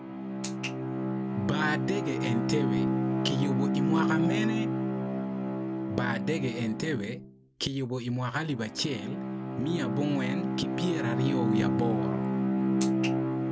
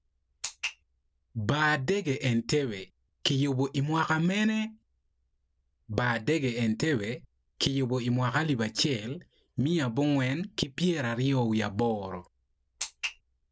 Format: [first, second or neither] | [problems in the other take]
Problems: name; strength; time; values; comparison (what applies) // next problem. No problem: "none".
second | background sound (Bowed string instrument); 3 dB above the speech